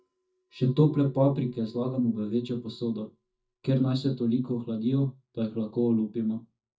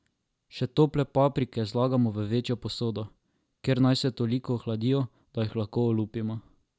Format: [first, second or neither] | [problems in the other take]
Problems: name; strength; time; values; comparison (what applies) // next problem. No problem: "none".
second | noise reduction (neural mask model DeepFilterNet 3)